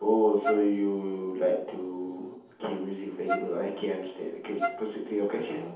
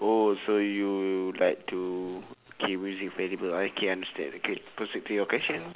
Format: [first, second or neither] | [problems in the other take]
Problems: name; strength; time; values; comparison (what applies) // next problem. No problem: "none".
second | background sound (Wind instrument, woodwind instrument); 5 dB below the speech // room echo; dies away in 0.8 s